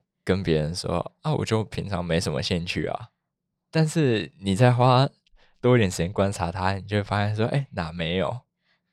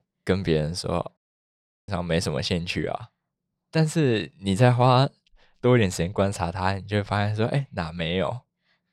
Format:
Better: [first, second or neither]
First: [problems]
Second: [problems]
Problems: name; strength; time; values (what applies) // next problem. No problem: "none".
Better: first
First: none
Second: audio cutting out; at 1 s for 0.5 s